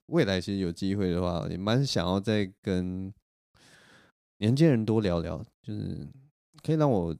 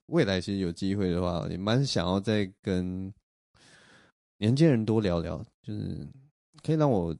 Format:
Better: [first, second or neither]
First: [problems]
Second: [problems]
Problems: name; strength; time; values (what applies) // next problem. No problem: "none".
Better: first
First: none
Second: garbled, watery; slightly